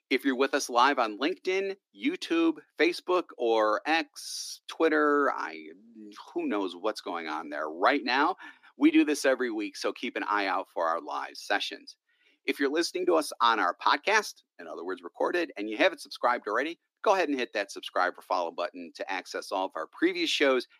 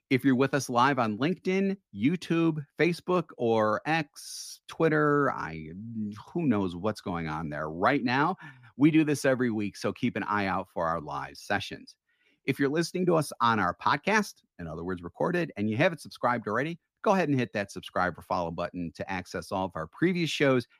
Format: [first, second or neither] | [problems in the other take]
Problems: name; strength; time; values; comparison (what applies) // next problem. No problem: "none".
second | thin; somewhat; fading below 300 Hz